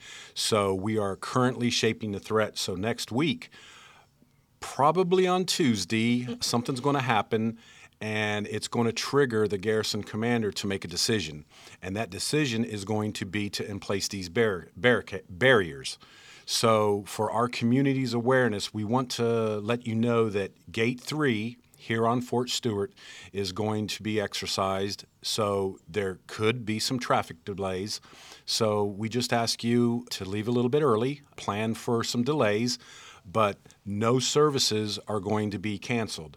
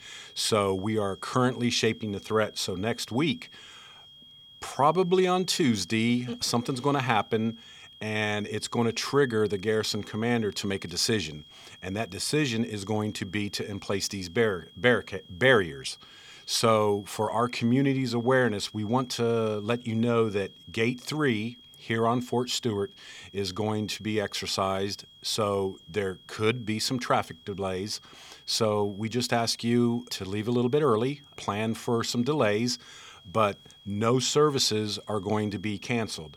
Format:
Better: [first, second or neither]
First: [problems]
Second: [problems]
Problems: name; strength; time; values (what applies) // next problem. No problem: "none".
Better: first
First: none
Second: high-pitched whine; faint; throughout; 3.5 kHz, 25 dB below the speech